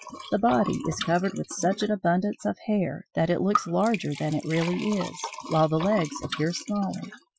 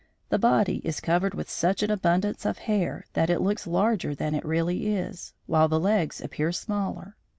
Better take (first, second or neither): second